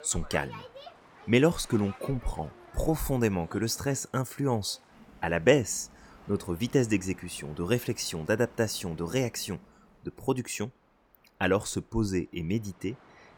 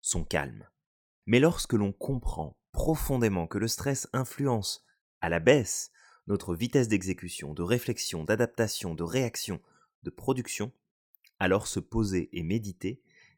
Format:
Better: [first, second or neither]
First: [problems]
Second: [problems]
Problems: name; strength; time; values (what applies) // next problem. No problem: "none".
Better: second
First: train or aircraft noise; faint; throughout; 20 dB below the speech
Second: none